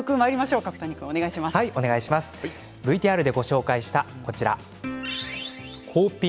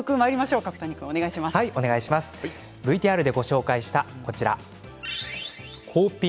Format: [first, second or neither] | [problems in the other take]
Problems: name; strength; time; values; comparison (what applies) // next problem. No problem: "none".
second | background sound (Plucked string instrument); 19 dB below the speech